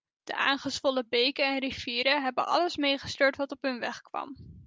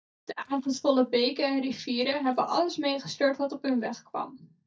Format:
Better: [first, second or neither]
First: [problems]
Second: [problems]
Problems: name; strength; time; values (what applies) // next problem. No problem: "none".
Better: first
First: none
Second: noise reduction (neural mask model DeepFilterNet 3)